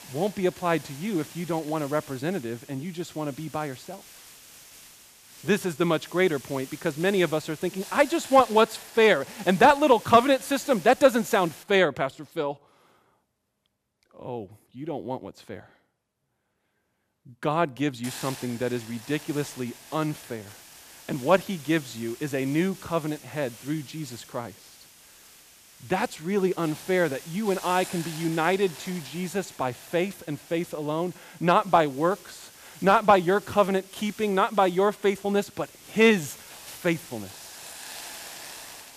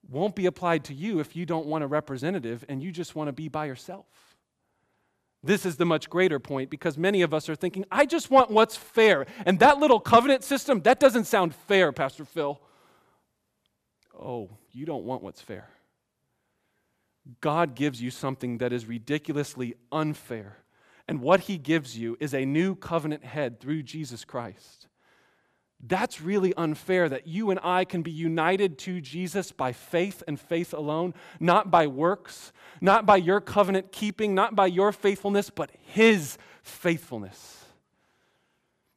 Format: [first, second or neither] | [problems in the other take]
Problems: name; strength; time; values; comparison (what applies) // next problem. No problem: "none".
second | hiss; noticeable; until 12 s and from 18 s on; 20 dB below the speech